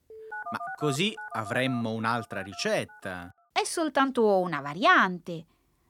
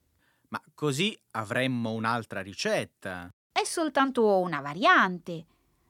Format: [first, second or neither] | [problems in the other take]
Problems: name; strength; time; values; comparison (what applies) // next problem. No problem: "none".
second | phone ringing; noticeable; until 3 s; peak 9 dB below the speech